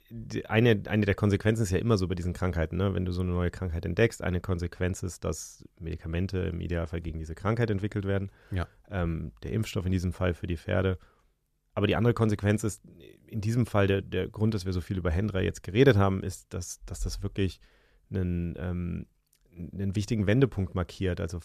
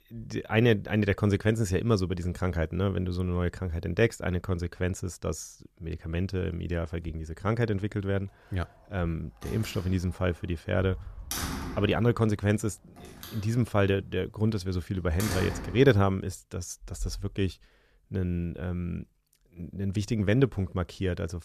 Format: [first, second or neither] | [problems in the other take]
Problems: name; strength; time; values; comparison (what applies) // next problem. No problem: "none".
first | door banging; noticeable; from 9.5 to 16 s; peak 3 dB below the speech